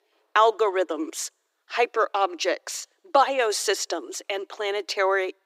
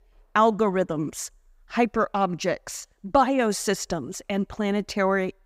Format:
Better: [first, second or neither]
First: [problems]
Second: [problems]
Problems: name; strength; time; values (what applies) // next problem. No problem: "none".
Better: second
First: thin; very; fading below 300 Hz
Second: none